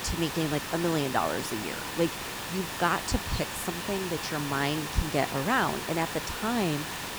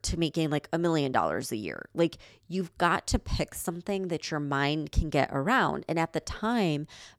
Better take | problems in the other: second | hiss; loud; throughout; 4 dB below the speech

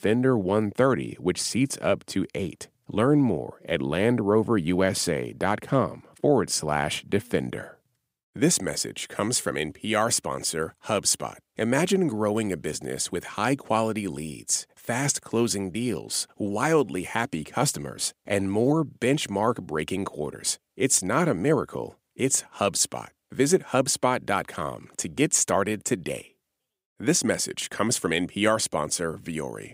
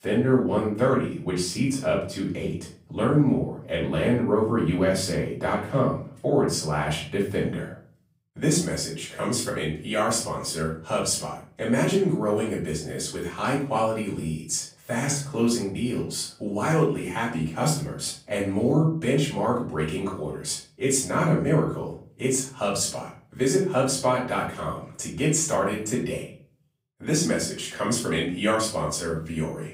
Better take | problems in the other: first | off-mic speech; far // room echo; noticeable; dies away in 0.4 s

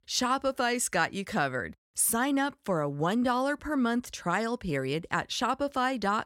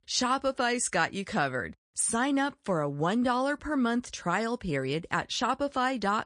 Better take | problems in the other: first | garbled, watery; slightly; nothing above 9 kHz

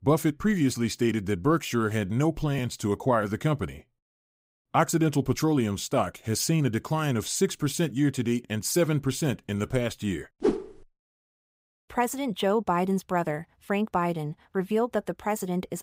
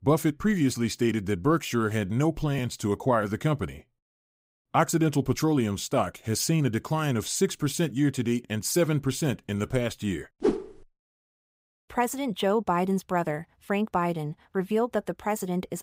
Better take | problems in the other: neither | none

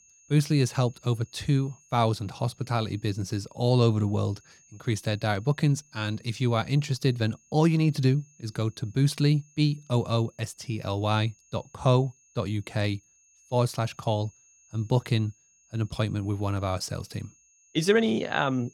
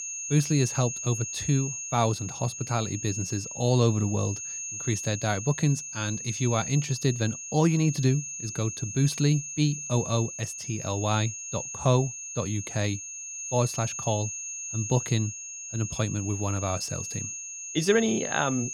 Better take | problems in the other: first | high-pitched whine; loud; throughout; 6.5 kHz, 6 dB below the speech; faint in the first

